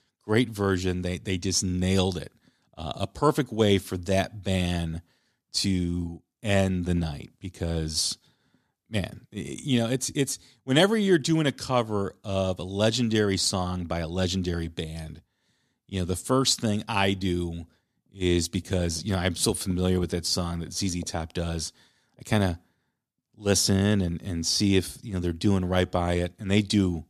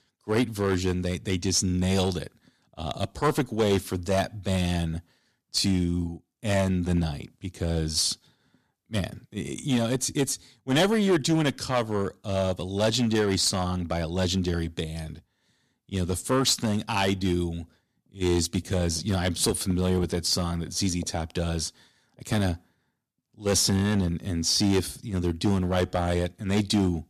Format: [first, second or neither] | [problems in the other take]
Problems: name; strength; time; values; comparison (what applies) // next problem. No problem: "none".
first | distortion; slight; 4% of the sound clipped